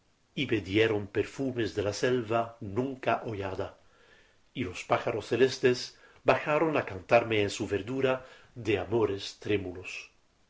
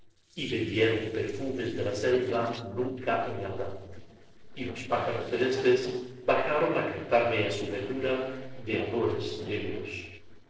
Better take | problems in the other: first | noise reduction (neural separator model SepFormer DNS4)

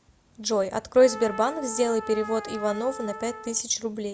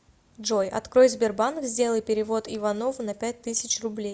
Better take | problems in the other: second | background sound (Trumpet); 14 dB below the speech

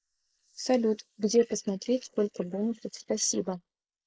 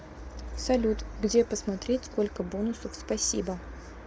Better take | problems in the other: second | noise reduction (neural mask model Resemble Enhance denoiser)

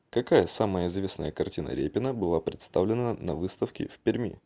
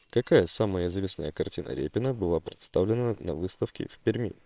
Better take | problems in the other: first | noise reduction (neural separator model SepFormer WHAMR!)

